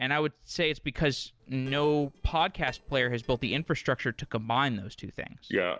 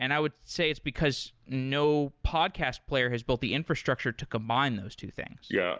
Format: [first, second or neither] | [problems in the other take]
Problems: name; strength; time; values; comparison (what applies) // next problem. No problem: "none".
second | noise reduction (neural separator model SepFormer DNS4)